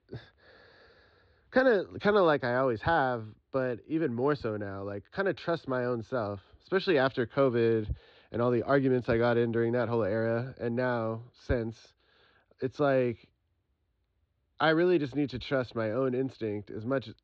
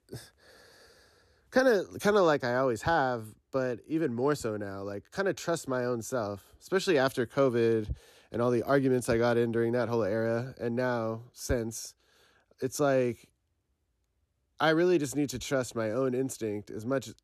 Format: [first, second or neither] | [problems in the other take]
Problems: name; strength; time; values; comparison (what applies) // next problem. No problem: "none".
second | muffled; slightly; fading above 4 kHz